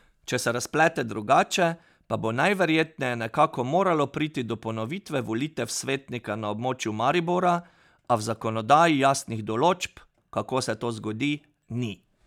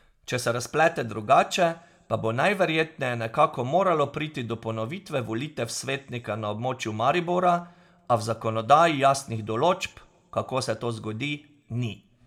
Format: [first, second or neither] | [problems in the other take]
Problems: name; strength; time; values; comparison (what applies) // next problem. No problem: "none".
first | room echo; dies away in 0.3 s